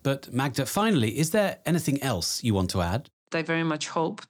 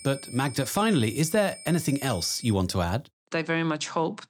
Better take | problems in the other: first | high-pitched whine; noticeable; until 2.5 s; 8.5 kHz, 15 dB below the speech

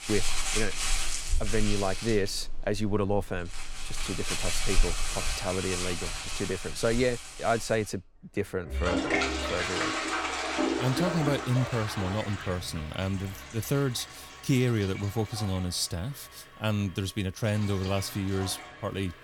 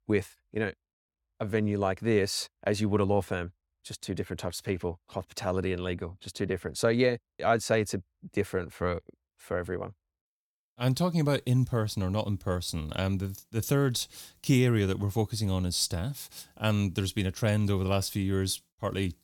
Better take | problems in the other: second | household noises; loud; throughout; 2 dB below the speech

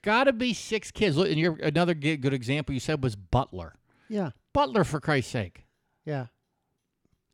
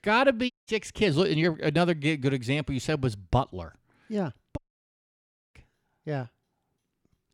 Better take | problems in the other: first | audio cutting out; at 0.5 s and at 4.5 s for 1 s

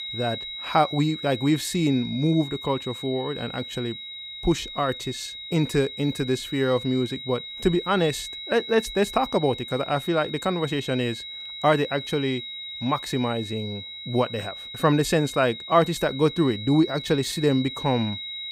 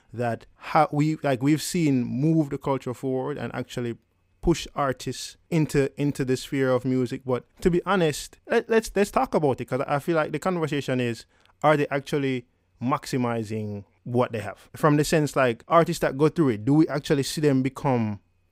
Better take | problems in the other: second | high-pitched whine; loud; throughout; 4 kHz, 9 dB below the speech

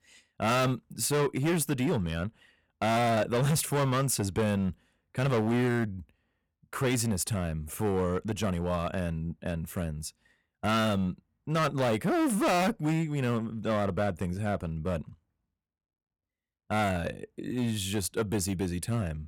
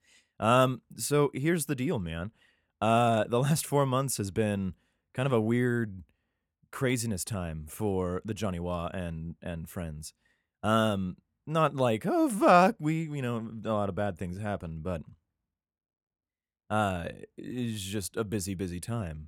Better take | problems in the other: second | distortion; heavy; 11% of the sound clipped

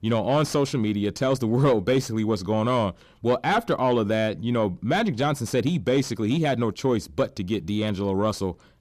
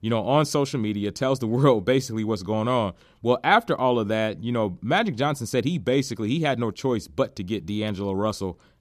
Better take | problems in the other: second | distortion; slight; 10 dB below the speech

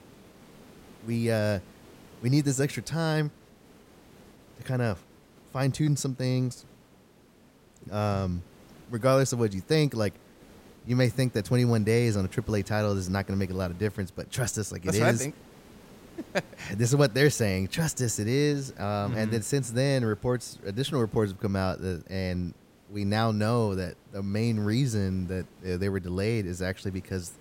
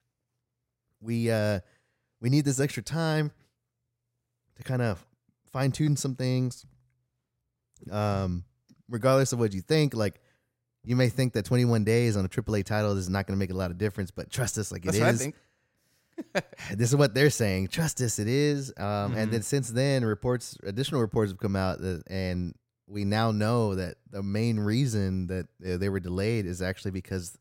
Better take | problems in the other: second | hiss; faint; throughout; 25 dB below the speech

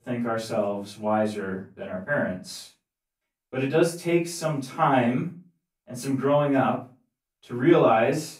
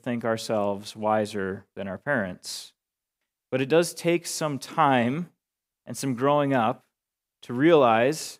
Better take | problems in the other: second | off-mic speech; far // room echo; slight; dies away in 0.3 s

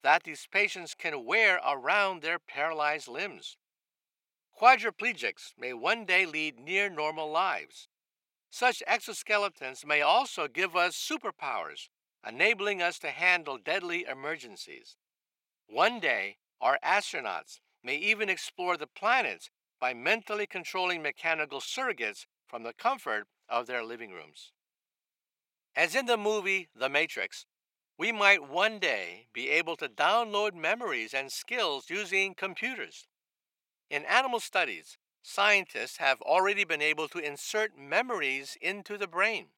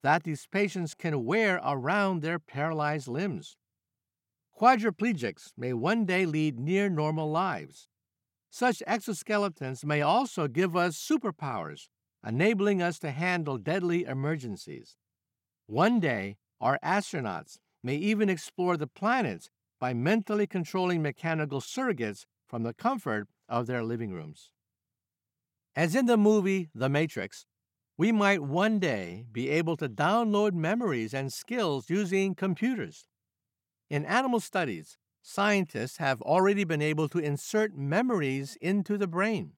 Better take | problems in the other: second | thin; very; fading below 600 Hz

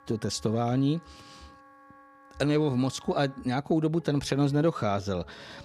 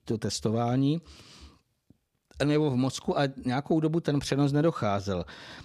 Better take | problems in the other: second | background music; faint; throughout; 25 dB below the speech

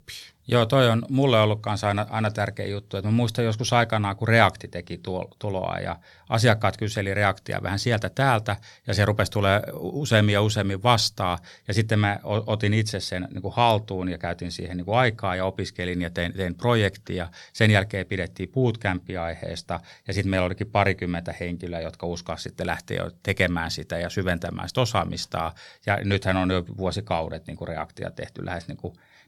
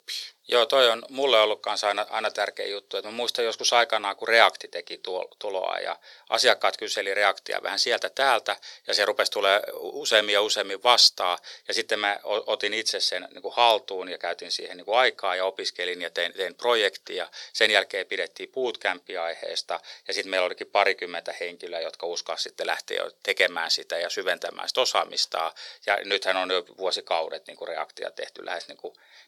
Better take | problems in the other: first | thin; very; fading below 450 Hz

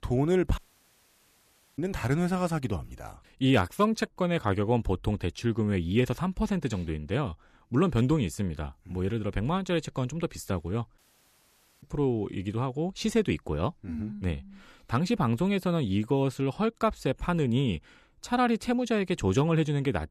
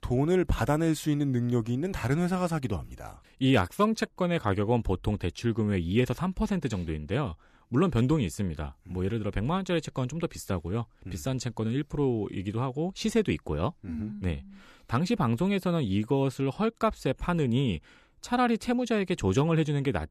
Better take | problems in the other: second | audio cutting out; at 0.5 s for 1 s and at 11 s for 1 s

